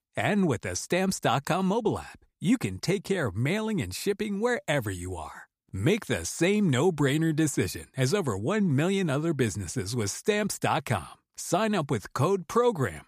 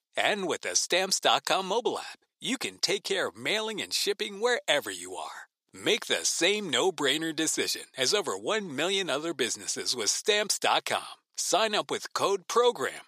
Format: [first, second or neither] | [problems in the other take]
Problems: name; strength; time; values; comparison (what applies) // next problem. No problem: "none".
first | thin; somewhat; fading below 500 Hz